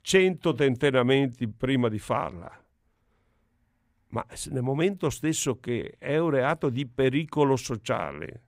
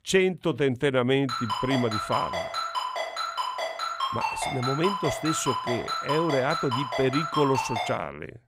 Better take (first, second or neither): first